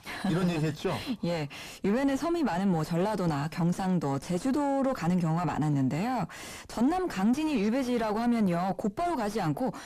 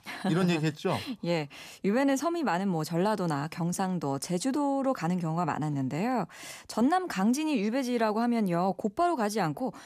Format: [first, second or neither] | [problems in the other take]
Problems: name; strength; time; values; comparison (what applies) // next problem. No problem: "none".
second | distortion; heavy; 6 dB below the speech